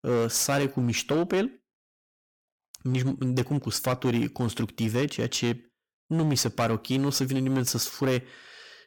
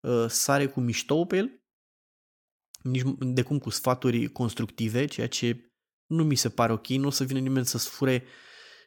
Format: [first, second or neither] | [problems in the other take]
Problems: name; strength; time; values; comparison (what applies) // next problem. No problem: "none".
second | distortion; slight; 11% of the sound clipped